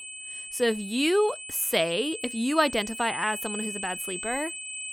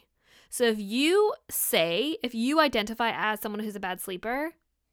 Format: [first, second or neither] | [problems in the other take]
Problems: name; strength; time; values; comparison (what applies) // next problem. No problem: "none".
second | high-pitched whine; loud; throughout; 8 kHz, 8 dB below the speech